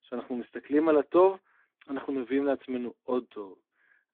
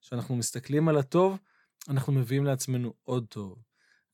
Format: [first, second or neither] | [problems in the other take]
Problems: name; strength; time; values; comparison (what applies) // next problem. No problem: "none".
second | phone-call audio; nothing above 3.5 kHz